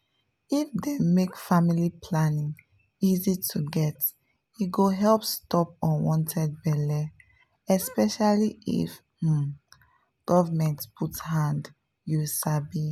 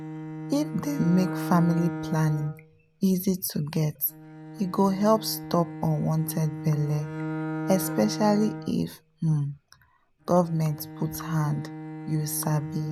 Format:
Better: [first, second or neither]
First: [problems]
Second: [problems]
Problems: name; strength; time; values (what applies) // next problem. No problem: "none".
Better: first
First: none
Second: background sound (Bowed string instrument); 9 dB below the speech